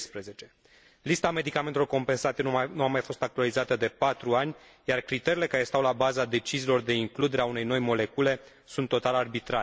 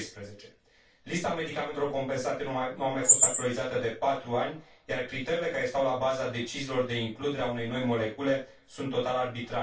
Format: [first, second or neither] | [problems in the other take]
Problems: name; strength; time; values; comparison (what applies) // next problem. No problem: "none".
first | background sound (Chirp, tweet); 4 dB above the speech // room echo; dies away in 0.2 s